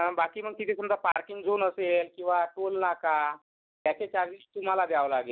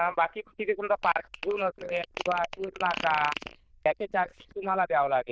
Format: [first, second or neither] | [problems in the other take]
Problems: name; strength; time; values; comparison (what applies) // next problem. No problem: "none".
first | noise reduction (neural diffusion model UNIVERSE++)